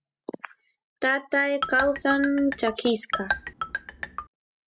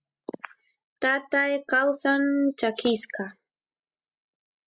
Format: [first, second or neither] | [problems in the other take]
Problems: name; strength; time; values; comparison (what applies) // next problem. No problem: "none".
second | background sound (Marimba, xylophone); 5 dB below the speech